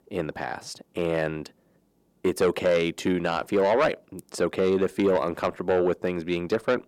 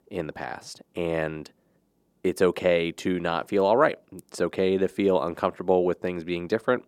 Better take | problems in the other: second | distortion; slight; 10 dB below the speech

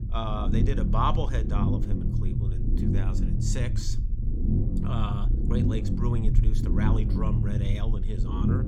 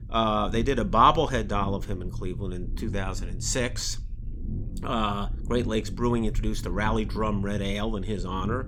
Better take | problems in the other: second | low rumble; loud; throughout; 3 dB below the speech; faint in the second

